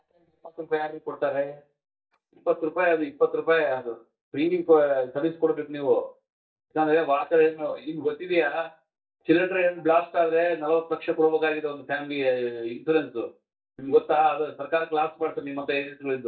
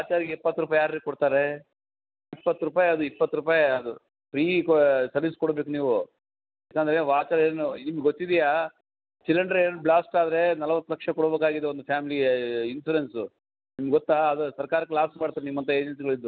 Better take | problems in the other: second | noise reduction (neural mask model DeepFilterNet 3)

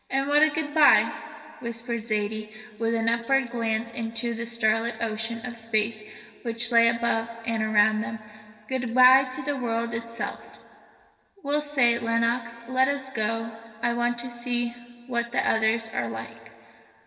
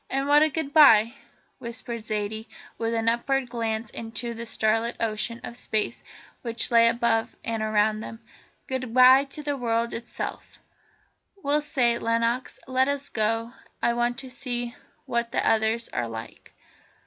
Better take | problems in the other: second | room echo; dies away in 2.1 s

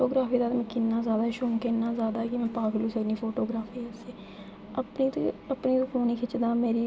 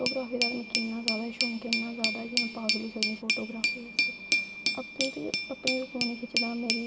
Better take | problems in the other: first | background sound (Glass); 3 dB above the speech

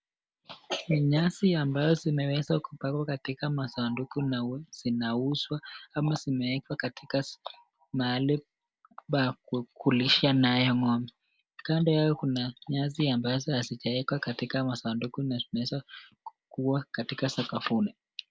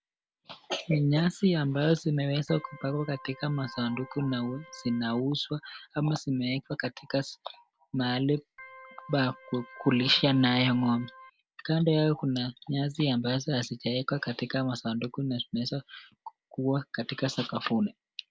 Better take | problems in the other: first | background sound (Organ); 20 dB below the speech

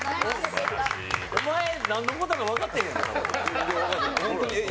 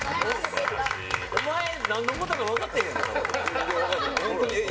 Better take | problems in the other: first | background sound (Gunshot, gunfire); 17 dB below the speech // room echo; dies away in 1 s

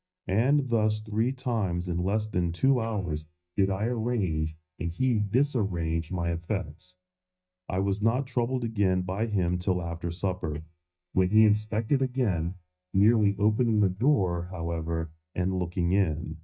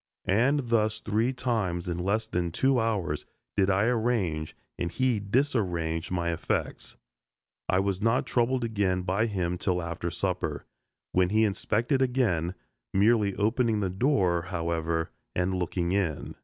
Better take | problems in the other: second | noise reduction (neural mask model DeepFilterNet 3)

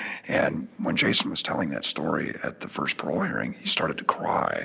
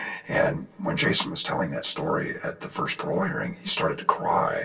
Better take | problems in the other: first | room echo; dies away in 0.1 s

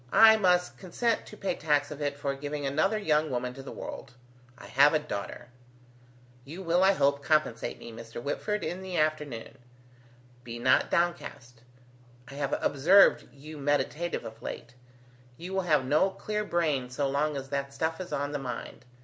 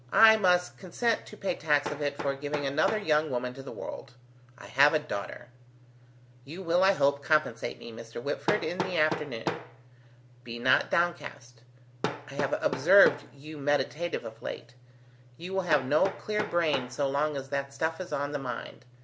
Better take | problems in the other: first | background sound (Hammer); 12 dB below the speech

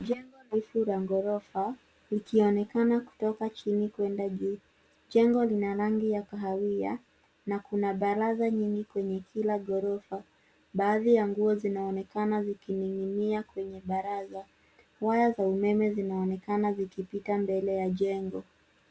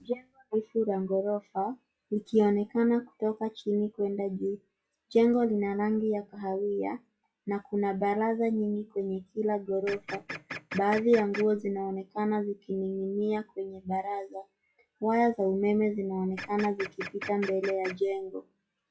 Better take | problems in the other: first | noise reduction (classical method log-MMSE)

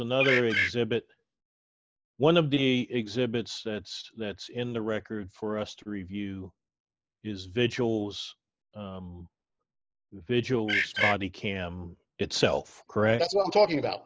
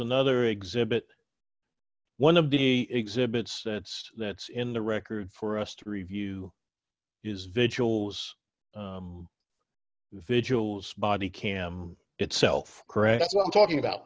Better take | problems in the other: second | noise reduction (neural mask model Resemble Enhance denoiser)

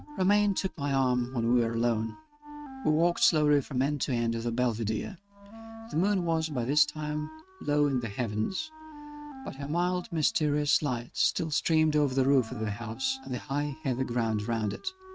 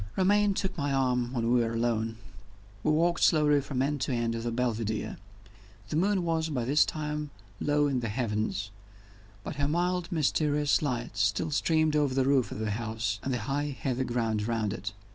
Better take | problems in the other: second | noise reduction (neural mask model RNNoise)

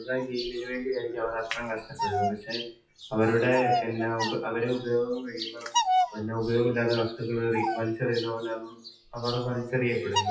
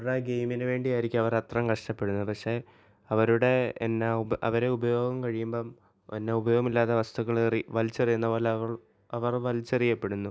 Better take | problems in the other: second | noise reduction (classical method WPE with log-MMSE)

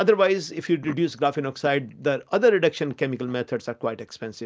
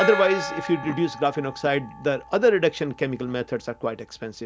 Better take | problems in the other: first | background sound (Gong); 10 dB below the speech

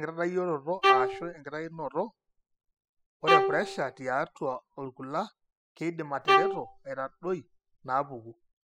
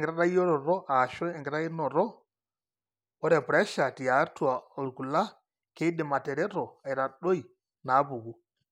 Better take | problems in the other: second | noise reduction (classical method spectral subtraction)

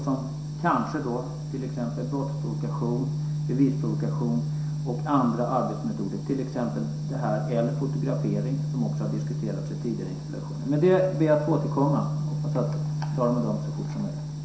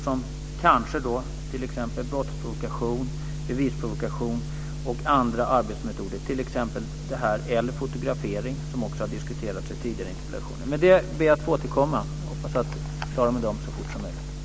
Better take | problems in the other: second | room echo; dies away in 0.7 s

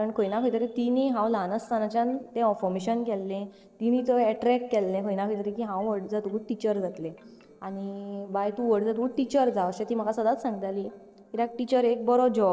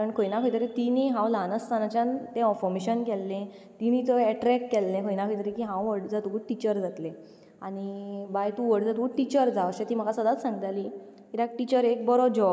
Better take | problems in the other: second | noise reduction (neural separator model SepFormer DNS4)

